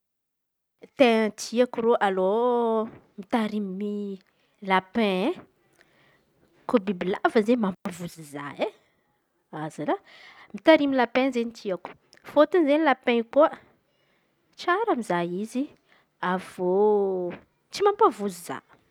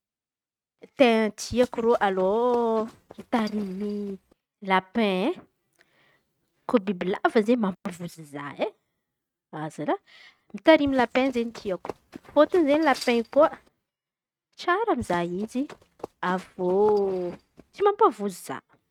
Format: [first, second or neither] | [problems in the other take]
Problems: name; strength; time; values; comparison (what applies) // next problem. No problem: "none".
first | noise reduction (neural mask model RNNoise)